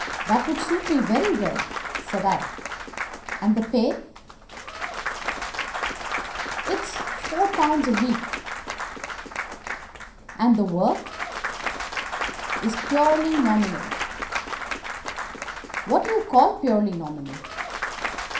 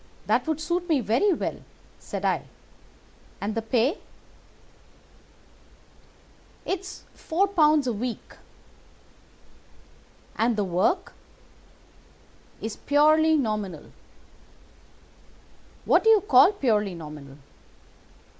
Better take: second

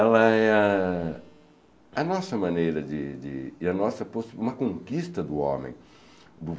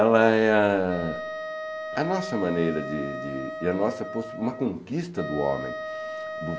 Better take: first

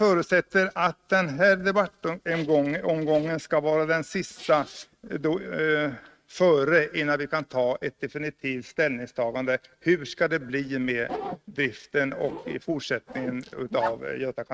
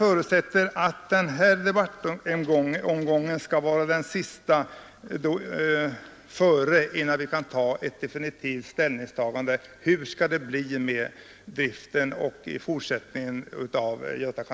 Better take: second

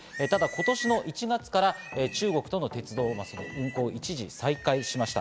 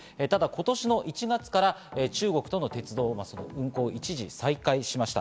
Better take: second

